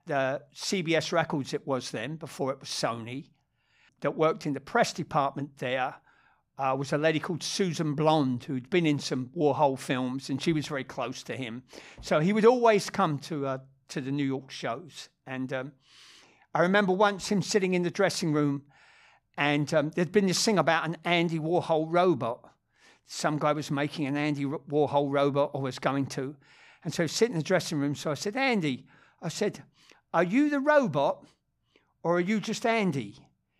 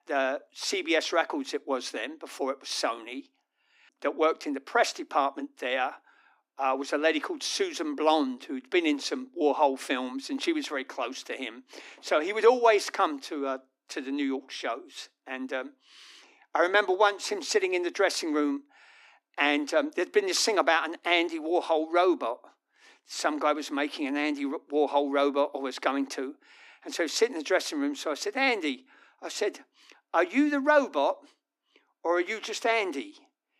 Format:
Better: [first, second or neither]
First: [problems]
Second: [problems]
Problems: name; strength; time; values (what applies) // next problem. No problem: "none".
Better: first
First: none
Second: thin; very slightly; fading below 250 Hz